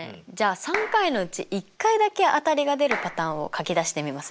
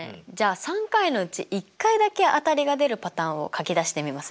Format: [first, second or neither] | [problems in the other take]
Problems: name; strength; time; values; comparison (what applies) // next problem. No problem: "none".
second | background sound (Clapping); 11 dB below the speech